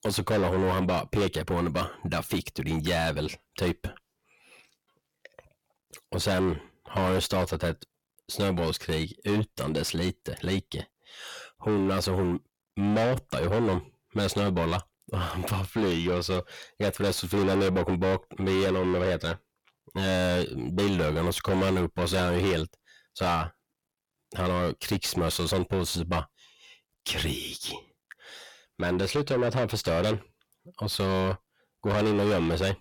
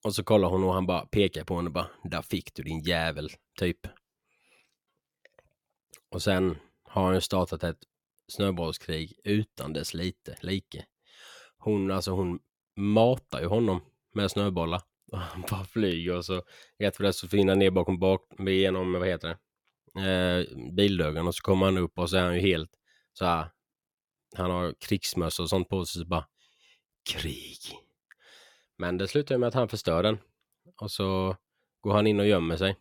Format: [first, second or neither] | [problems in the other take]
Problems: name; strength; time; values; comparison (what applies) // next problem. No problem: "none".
second | distortion; heavy; 6 dB below the speech